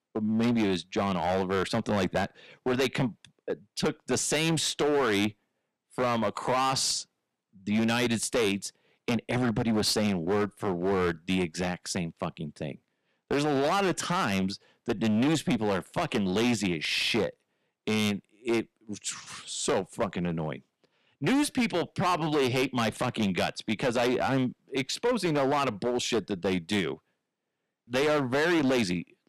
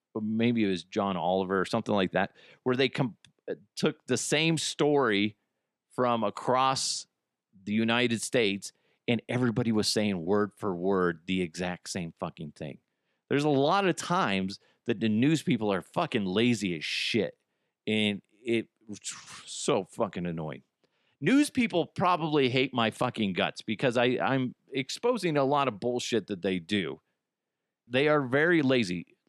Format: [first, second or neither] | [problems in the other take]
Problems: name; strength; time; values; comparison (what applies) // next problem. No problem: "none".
second | distortion; heavy; 12% of the sound clipped